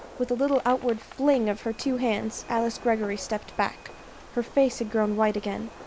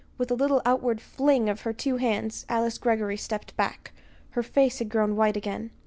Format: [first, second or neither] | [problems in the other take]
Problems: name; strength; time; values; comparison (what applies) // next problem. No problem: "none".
second | background sound (Fireworks); 18 dB below the speech